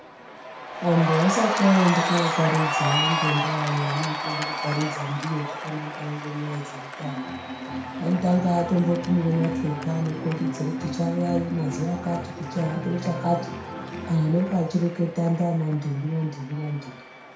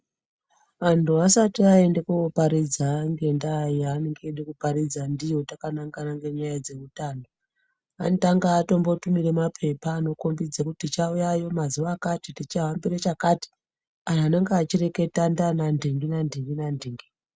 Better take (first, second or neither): second